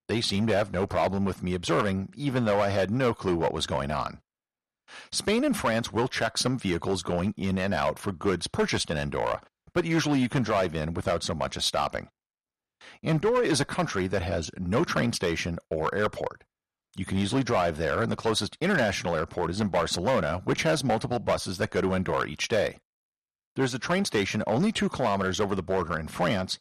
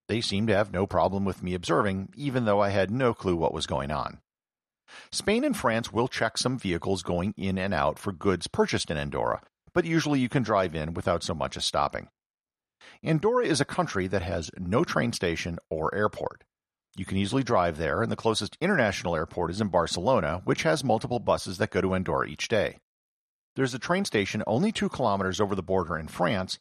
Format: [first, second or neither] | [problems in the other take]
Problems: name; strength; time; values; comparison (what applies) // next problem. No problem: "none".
second | distortion; slight; 6% of the sound clipped